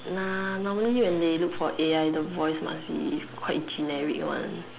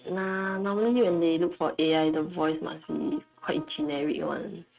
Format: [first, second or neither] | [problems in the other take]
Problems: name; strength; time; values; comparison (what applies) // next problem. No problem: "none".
first | noise reduction (neural mask model RNNoise)